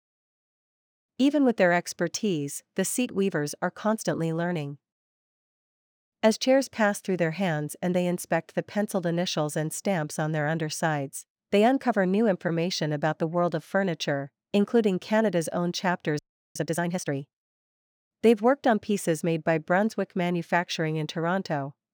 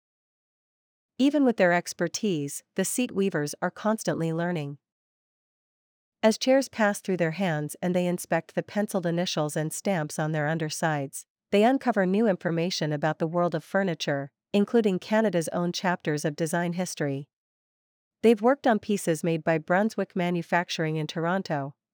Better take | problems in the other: second | audio freezing; at 16 s

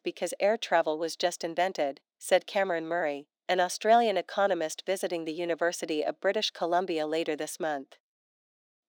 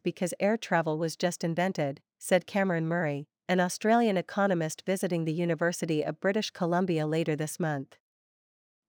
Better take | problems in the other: second | thin; somewhat; fading below 250 Hz

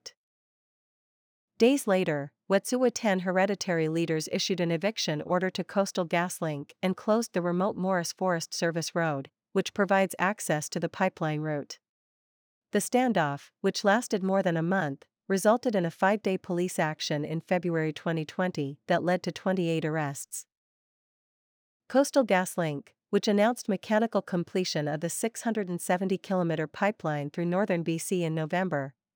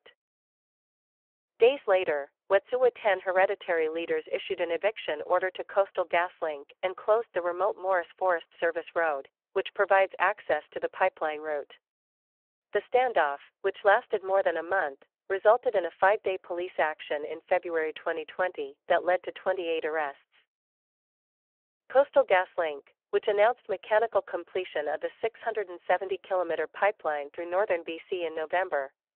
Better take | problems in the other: first | phone-call audio

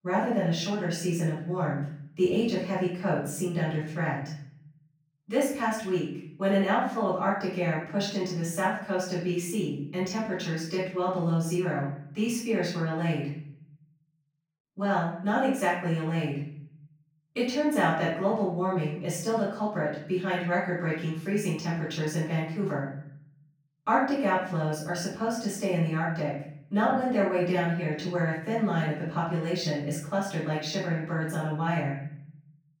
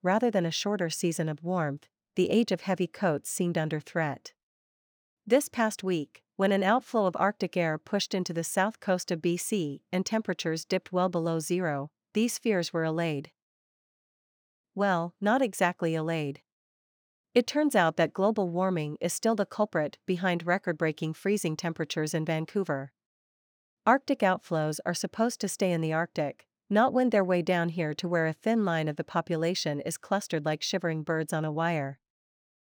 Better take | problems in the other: second | off-mic speech; far // room echo; noticeable; dies away in 0.8 s

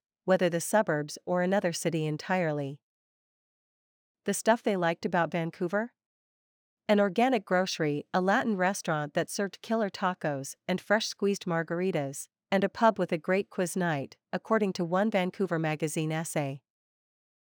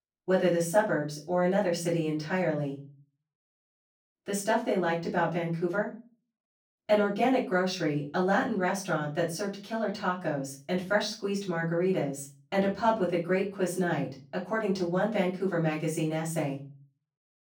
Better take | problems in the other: first | off-mic speech; far // room echo; slight; dies away in 0.3 s

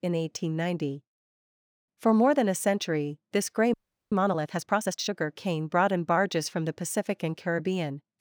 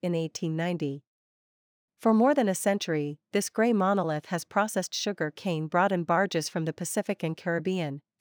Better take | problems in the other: second | audio freezing; at 3.5 s

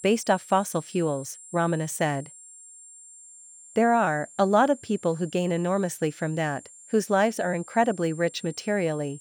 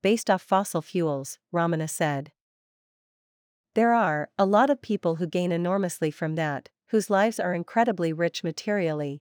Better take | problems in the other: second | high-pitched whine; noticeable; throughout; 7.5 kHz, 20 dB below the speech

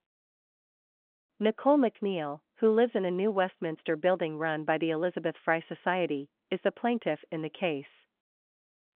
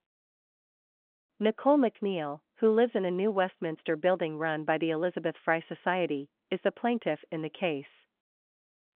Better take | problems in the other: neither | phone-call audio; the same in both

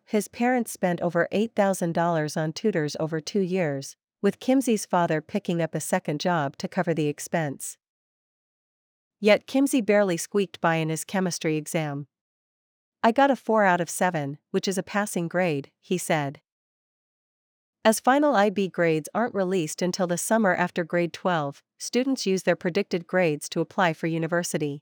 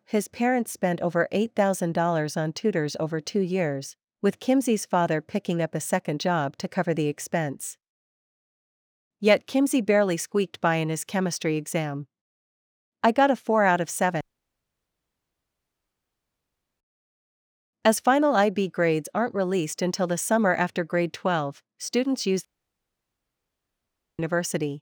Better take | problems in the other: first | audio cutting out; at 14 s for 2.5 s and at 22 s for 1.5 s

